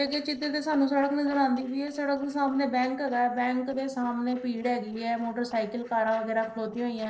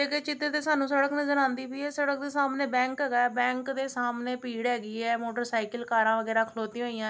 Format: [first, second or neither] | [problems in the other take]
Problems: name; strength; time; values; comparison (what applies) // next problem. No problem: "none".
second | noise reduction (neural separator model SepFormer DNS4)